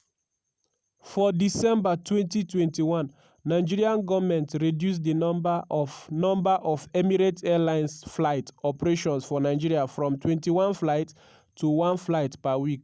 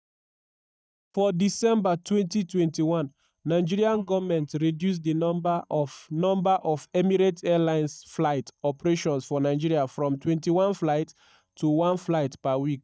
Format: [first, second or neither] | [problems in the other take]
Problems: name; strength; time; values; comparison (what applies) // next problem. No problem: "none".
first | noise reduction (neural mask model DeepFilterNet 3)